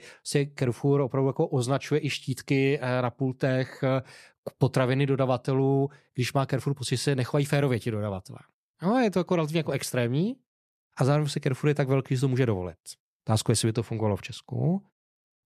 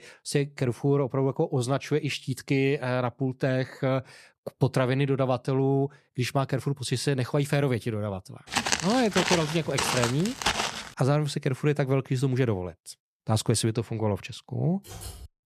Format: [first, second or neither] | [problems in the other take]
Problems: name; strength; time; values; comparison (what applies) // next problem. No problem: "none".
first | footsteps; loud; from 8.5 to 11 s; peak 1 dB above the speech // keyboard typing; faint; at 15 s; peak 15 dB below the speech